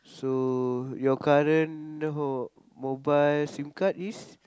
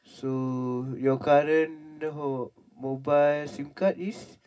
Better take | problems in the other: first | room echo; dies away in 0.4 s

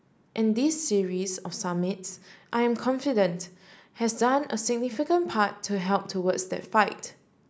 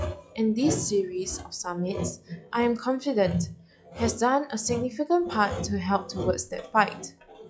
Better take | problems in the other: first | noise reduction (classical method log-MMSE)

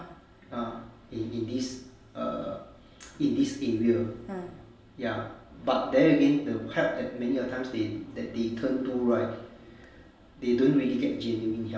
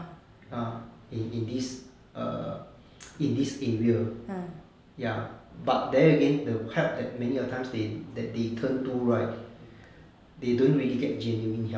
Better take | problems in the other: second | room echo; dies away in 1.5 s

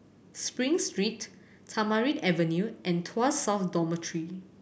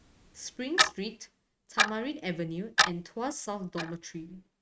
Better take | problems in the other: first | noise reduction (neural mask model RNNoise)

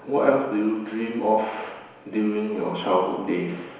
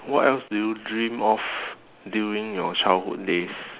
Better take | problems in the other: second | room echo; dies away in 1 s

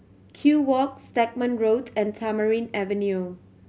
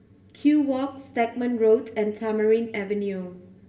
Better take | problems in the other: first | room echo; dies away in 1.6 s

